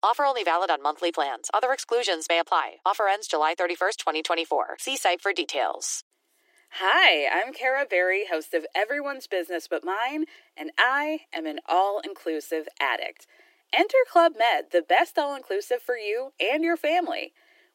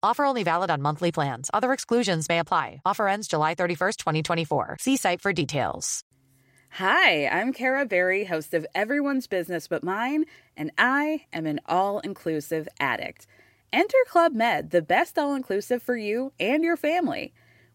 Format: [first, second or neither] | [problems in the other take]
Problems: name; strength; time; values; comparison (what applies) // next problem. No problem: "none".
second | thin; very; fading below 300 Hz